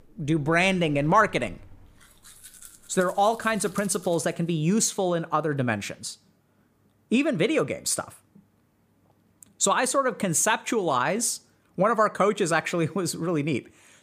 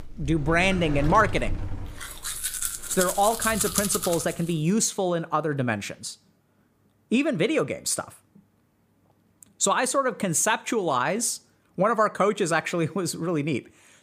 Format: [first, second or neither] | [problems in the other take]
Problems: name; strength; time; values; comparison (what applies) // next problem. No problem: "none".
first | household noises; loud; until 4 s; 5 dB below the speech; faint in the first